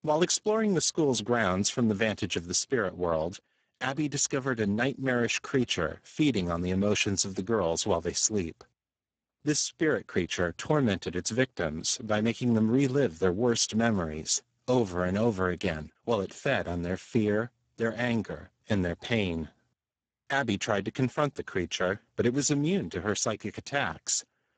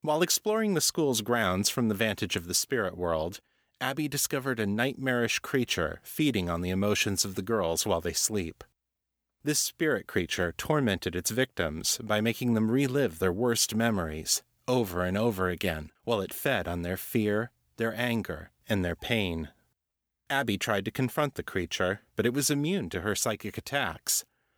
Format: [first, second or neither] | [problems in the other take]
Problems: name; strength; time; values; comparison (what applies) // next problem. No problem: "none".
second | garbled, watery; badly; nothing above 7.5 kHz